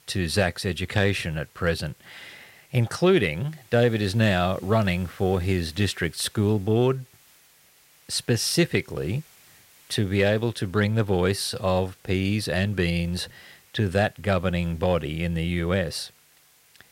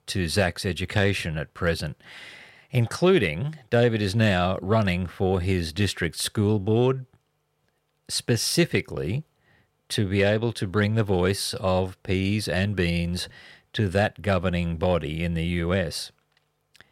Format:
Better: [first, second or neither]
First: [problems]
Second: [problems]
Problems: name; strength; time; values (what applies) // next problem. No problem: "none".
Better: second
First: hiss; faint; throughout; 30 dB below the speech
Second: none